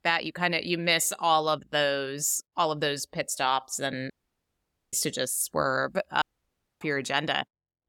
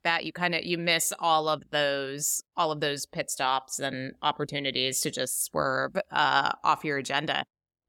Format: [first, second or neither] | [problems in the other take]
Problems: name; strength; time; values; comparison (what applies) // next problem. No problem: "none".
second | audio cutting out; at 4 s for 1 s and at 6 s for 0.5 s